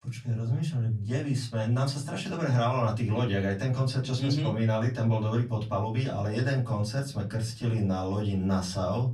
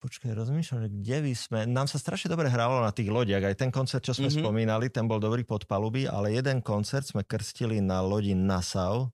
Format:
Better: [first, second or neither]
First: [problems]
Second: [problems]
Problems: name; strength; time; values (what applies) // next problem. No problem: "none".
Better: second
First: off-mic speech; far // room echo; very slight; dies away in 0.3 s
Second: none